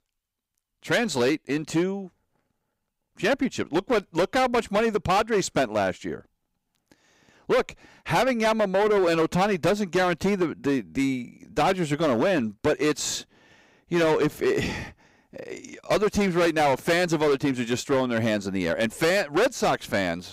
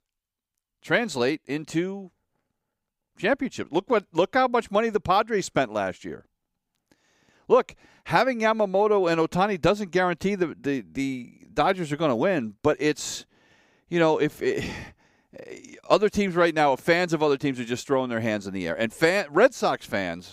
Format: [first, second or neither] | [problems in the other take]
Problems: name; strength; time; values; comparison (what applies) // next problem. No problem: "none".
second | distortion; heavy; 11% of the sound clipped